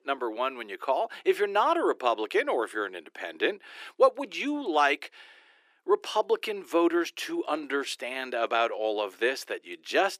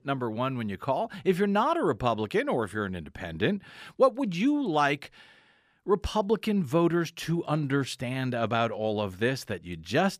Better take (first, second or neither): second